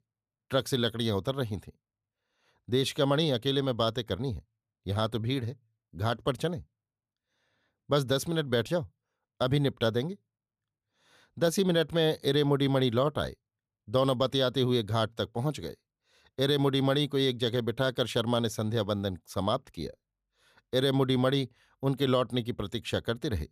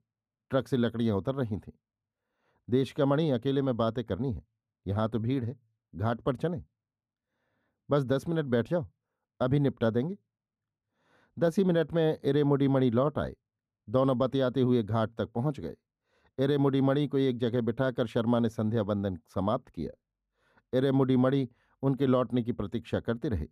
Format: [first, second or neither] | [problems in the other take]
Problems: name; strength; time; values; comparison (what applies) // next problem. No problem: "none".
first | muffled; slightly; fading above 2 kHz